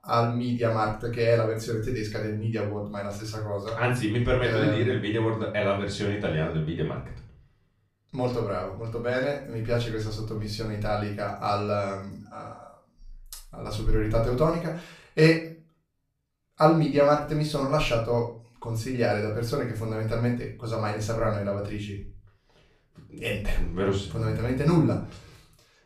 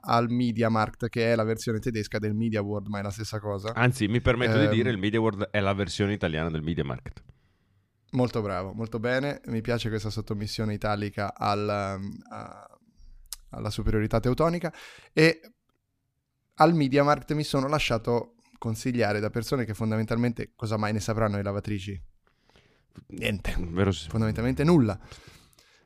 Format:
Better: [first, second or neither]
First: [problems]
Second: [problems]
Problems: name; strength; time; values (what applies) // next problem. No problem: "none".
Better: second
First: off-mic speech; far // room echo; slight; dies away in 0.3 s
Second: none